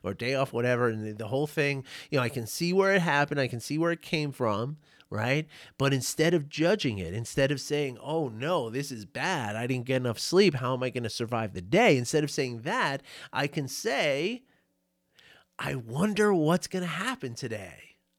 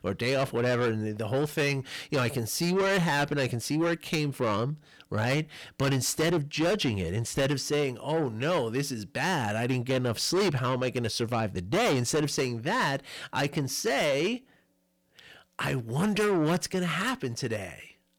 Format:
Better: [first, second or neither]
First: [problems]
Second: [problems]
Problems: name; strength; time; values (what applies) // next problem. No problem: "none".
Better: first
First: none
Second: distortion; heavy; 7 dB below the speech